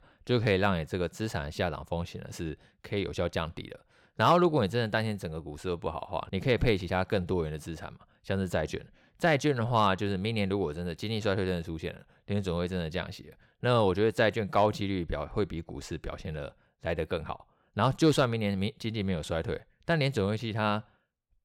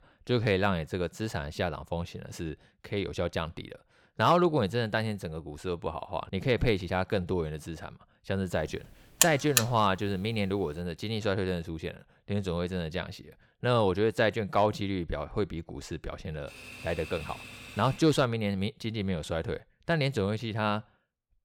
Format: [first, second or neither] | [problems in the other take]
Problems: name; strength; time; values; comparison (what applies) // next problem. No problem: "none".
first | alarm; loud; at 9 s; peak 7 dB above the speech // keyboard typing; faint; from 16 to 18 s; peak 10 dB below the speech